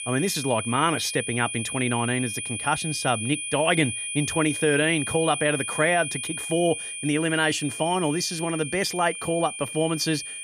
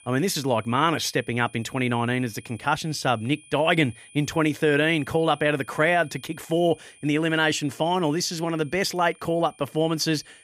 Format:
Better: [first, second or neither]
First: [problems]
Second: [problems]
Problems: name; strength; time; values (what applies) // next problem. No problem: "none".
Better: second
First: high-pitched whine; loud; throughout; 2.5 kHz, 5 dB below the speech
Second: high-pitched whine; faint; throughout; 2.5 kHz, 25 dB below the speech